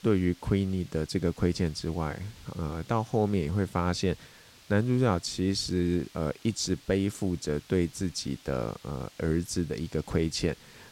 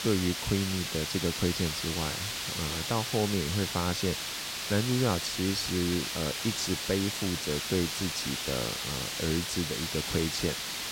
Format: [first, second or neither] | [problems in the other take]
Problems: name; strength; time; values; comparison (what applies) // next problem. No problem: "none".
first | hiss; loud; throughout; 1 dB below the speech; faint in the first